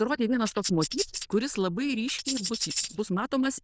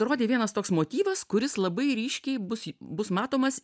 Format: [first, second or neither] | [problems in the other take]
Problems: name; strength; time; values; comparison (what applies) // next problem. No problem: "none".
second | noise reduction (neural diffusion model UNIVERSE++)